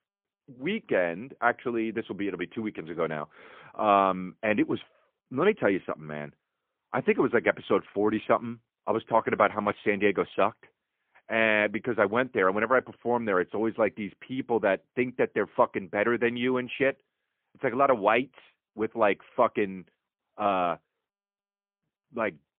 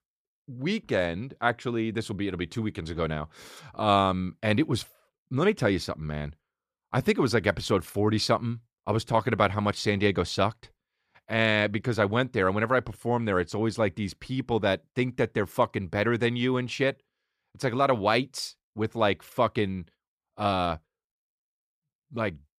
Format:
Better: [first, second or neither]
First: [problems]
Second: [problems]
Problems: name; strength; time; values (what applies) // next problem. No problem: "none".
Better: second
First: phone-call audio; poor line; nothing above 3.5 kHz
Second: none